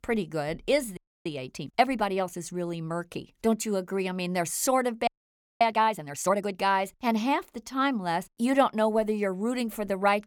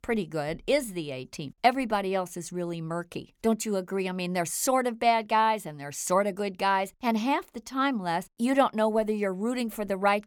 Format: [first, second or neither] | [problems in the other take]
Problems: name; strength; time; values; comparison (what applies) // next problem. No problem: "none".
second | audio freezing; at 1 s and at 5 s for 0.5 s